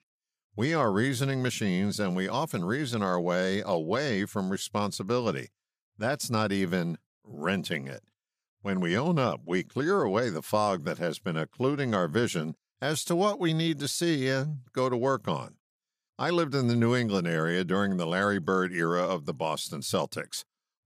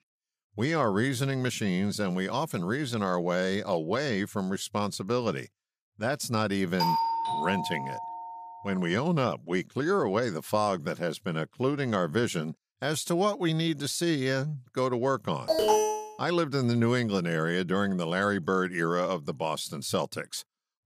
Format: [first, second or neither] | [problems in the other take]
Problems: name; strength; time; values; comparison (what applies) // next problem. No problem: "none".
first | doorbell; loud; from 7 to 8.5 s; peak 2 dB above the speech // alarm; loud; at 15 s; peak 5 dB above the speech